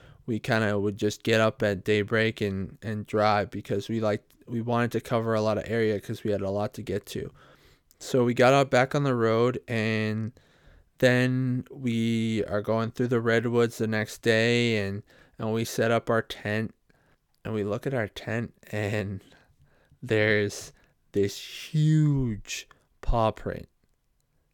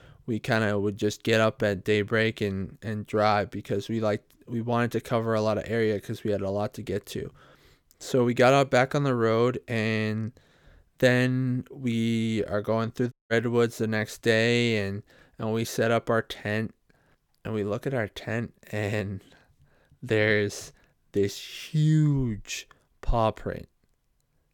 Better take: first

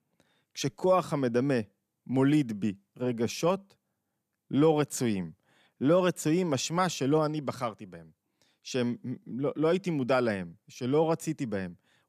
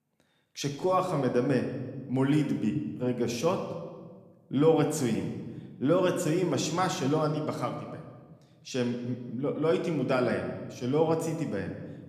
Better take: first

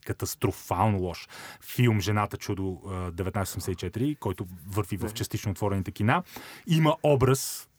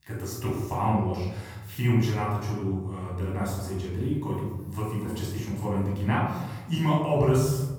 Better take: first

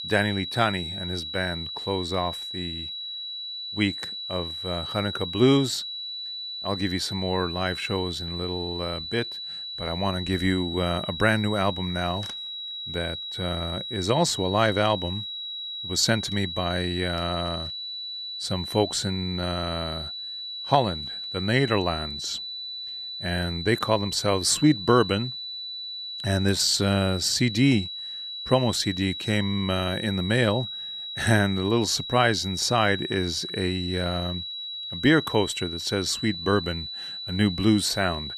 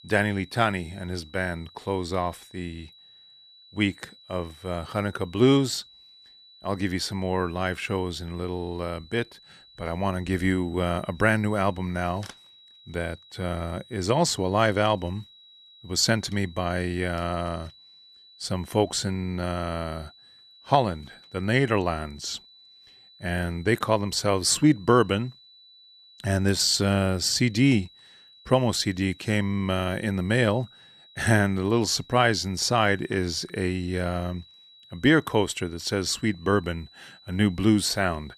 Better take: second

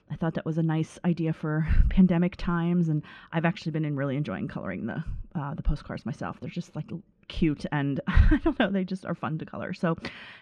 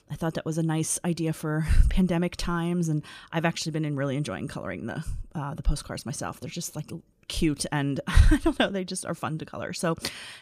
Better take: second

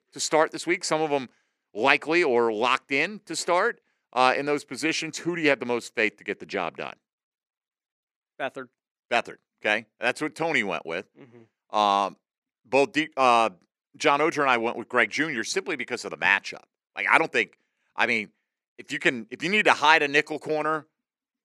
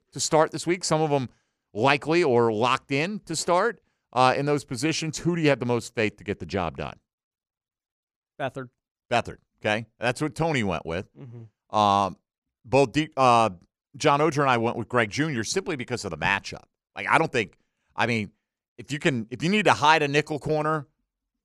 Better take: second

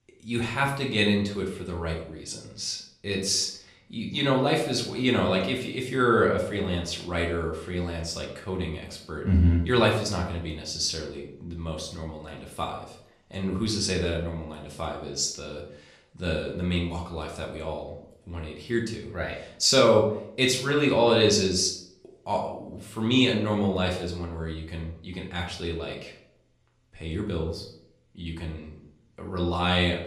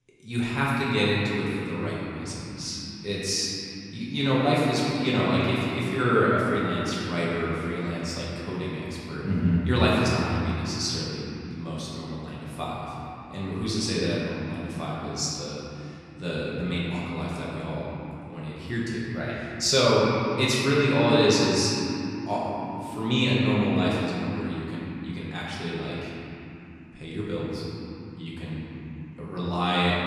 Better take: first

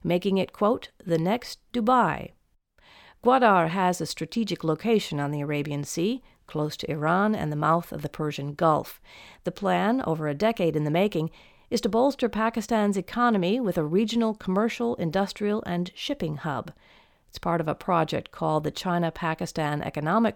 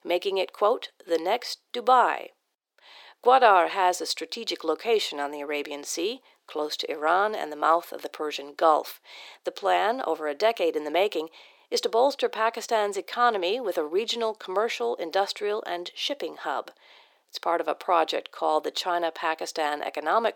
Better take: first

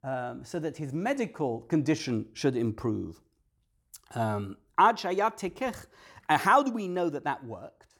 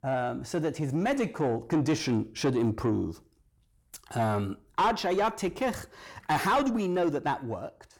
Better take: first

